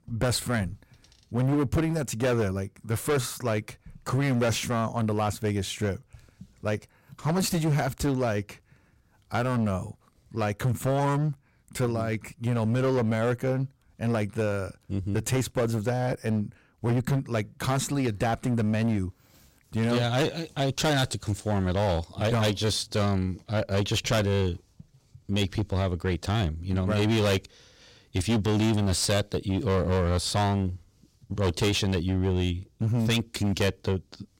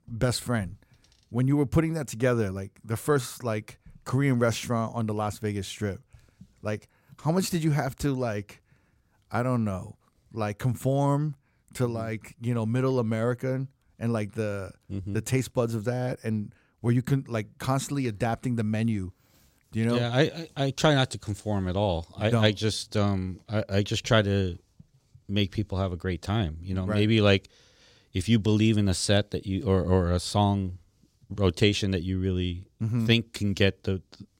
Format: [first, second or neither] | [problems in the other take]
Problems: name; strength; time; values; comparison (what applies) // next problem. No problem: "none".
second | distortion; heavy; 15% of the sound clipped